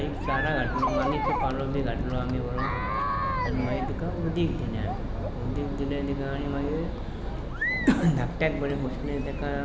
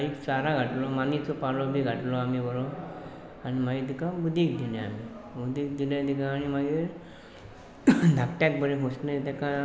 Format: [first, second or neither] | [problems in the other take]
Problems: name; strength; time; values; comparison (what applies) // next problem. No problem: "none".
second | background sound (Chatter); as loud as the speech